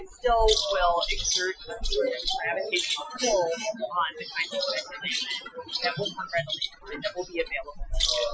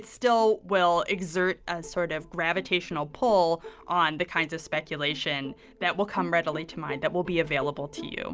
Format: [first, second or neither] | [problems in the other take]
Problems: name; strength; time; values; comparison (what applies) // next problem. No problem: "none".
second | noise reduction (classical method Wiener filter)